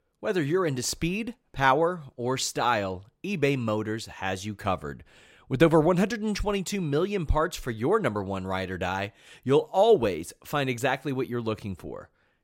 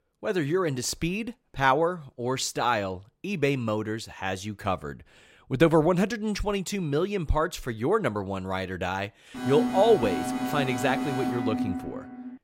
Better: first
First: none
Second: alarm; noticeable; from 9.5 s on; peak 1 dB below the speech

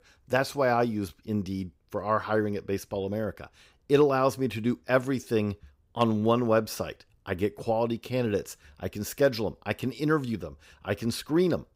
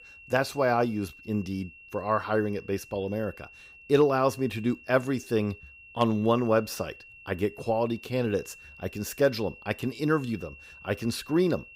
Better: first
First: none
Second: high-pitched whine; noticeable; throughout; 2.5 kHz, 20 dB below the speech

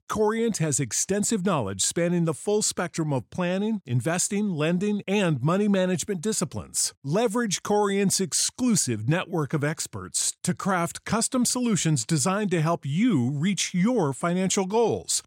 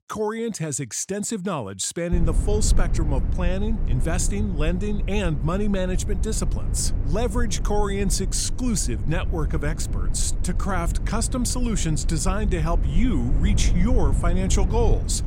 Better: first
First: none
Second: low rumble; noticeable; from 2 s on; 10 dB below the speech

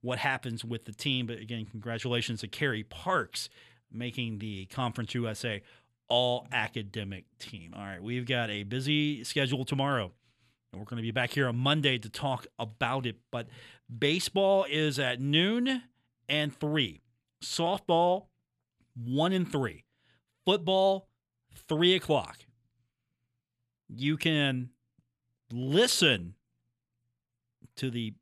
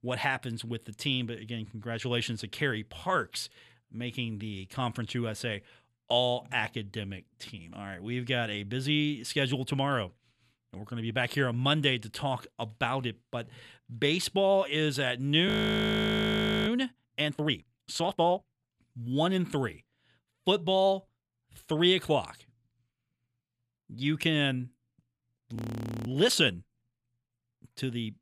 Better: first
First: none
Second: audio freezing; at 15 s for 1 s and at 26 s for 0.5 s

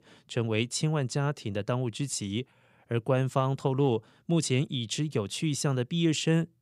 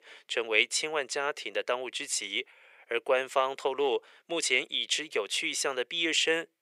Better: first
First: none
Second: thin; very; fading below 450 Hz

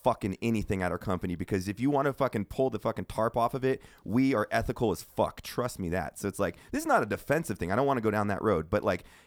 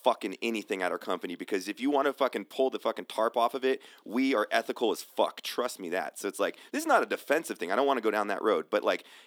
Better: first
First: none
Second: thin; very slightly; fading below 250 Hz

